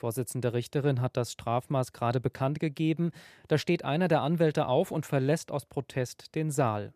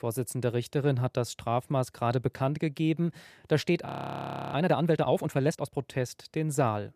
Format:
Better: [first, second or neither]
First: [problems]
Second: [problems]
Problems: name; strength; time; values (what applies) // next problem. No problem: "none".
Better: first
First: none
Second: audio freezing; at 4 s for 0.5 s